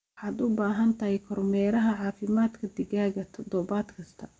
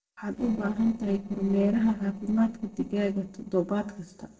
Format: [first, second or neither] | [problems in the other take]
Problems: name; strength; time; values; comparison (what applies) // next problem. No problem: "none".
first | noise reduction (neural separator model SepFormer DNS4)